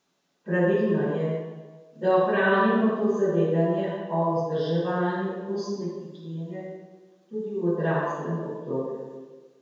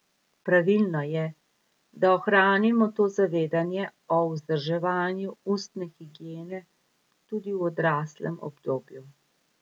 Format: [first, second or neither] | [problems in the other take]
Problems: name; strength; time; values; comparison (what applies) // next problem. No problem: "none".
second | room echo; dies away in 1.2 s